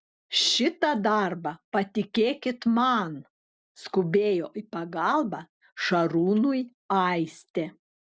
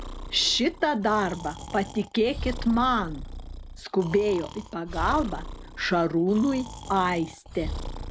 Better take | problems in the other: first | background sound (Breathing); 10 dB below the speech

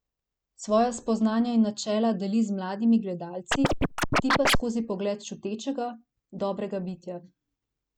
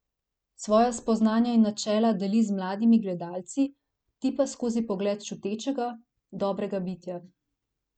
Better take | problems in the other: second | background sound (Scratching (performance technique)); 4 dB above the speech

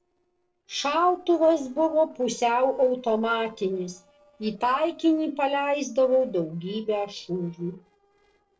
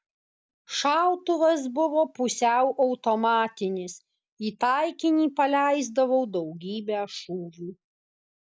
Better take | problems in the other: second | noise reduction (neural separator model SepFormer DNS4)

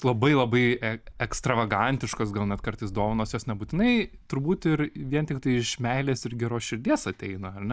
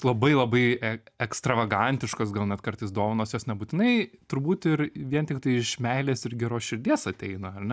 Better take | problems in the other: second | noise reduction (neural mask model DeepFilterNet 3)

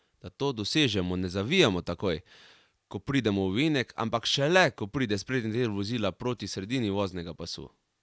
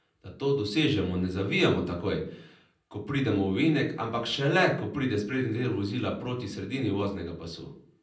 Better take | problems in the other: first | room echo; dies away in 0.6 s

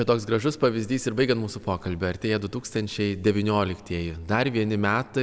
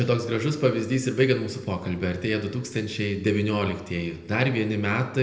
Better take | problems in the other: first | room echo; dies away in 0.7 s

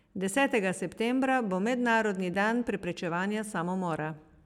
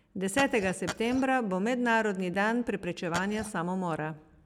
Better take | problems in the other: first | background sound (Glass); 10 dB below the speech

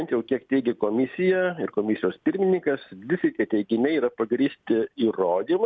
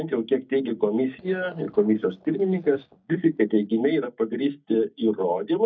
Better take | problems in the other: first | noise reduction (neural mask model DeepFilterNet 3)

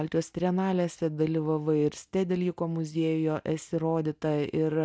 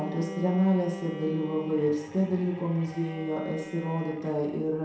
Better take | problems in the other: first | background sound (Bowed string instrument); 13 dB below the speech // room echo; dies away in 0.7 s

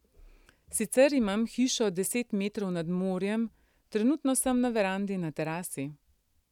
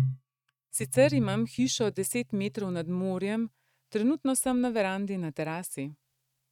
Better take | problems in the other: first | noise reduction (neural mask model RNNoise)

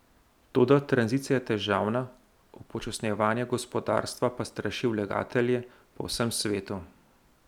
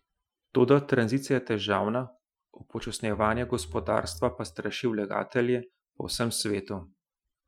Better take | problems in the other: first | noise reduction (classical method Wiener filter)

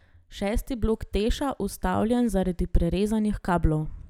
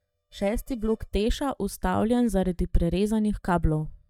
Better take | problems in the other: first | noise reduction (neural mask model DeepFilterNet 3)

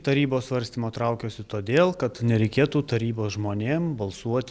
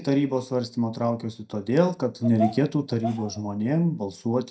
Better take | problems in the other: first | noise reduction (neural mask model DeepFilterNet 3)

